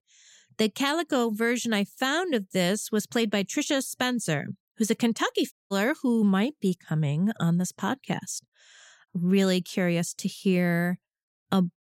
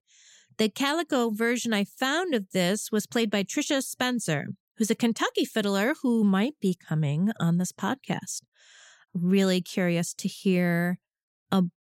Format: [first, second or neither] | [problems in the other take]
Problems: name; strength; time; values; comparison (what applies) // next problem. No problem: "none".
second | audio cutting out; at 5.5 s